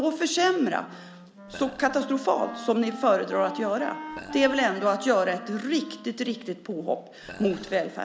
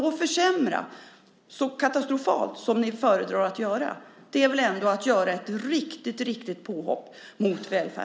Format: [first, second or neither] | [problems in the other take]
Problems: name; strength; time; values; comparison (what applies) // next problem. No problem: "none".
second | background sound (Wind instrument, woodwind instrument + Burping, eructation); 15 dB below the speech